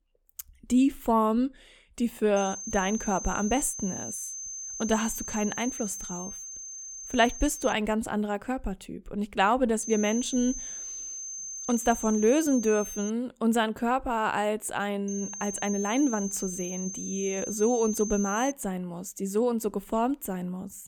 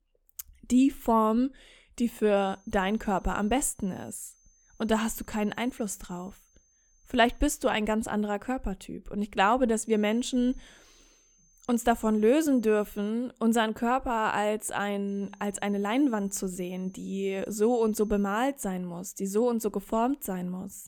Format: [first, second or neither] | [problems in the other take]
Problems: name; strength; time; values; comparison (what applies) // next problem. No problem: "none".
second | high-pitched whine; loud; from 2.5 to 7.5 s, from 10 to 13 s and from 15 to 19 s; 6.5 kHz, 8 dB below the speech; faint in the second